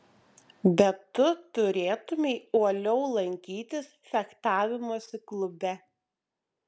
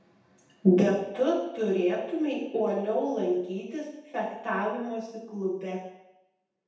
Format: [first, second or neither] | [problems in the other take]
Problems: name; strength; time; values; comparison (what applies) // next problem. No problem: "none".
first | room echo; dies away in 0.8 s